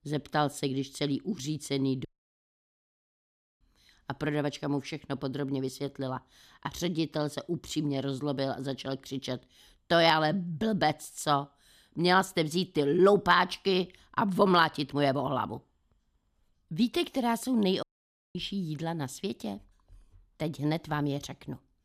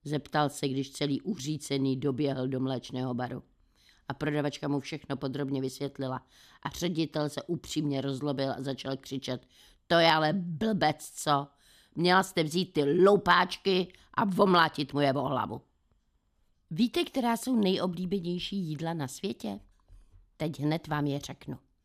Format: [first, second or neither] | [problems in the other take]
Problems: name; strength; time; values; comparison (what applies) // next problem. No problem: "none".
second | audio cutting out; at 2 s for 1.5 s and at 18 s for 0.5 s